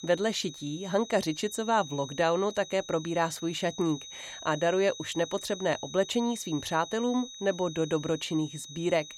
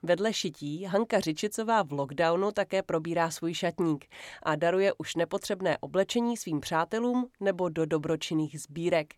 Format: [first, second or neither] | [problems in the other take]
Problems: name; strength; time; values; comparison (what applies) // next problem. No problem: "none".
second | high-pitched whine; noticeable; throughout; 4 kHz, 10 dB below the speech